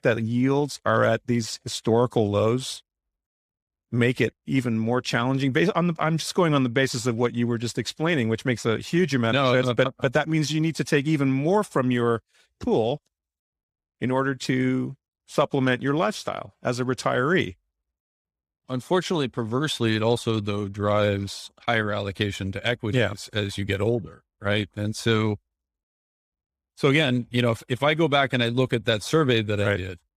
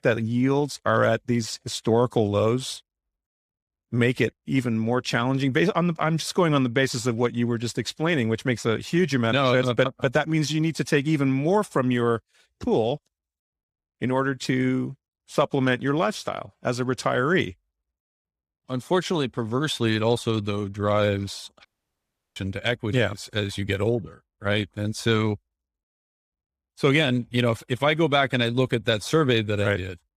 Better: first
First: none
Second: audio cutting out; at 22 s for 0.5 s

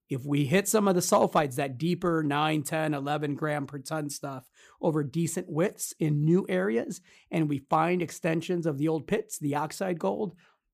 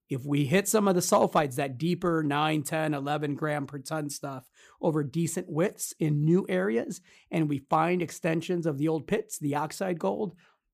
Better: neither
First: none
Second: none

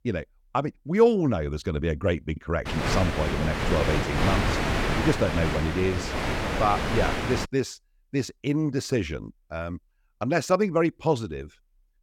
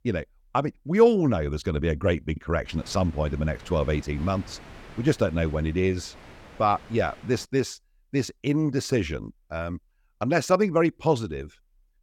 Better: second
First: wind noise on the microphone; heavy; from 2.5 to 7.5 s; as loud as the speech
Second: wind noise on the microphone; occasional gusts; from 2.5 to 7.5 s; 20 dB below the speech

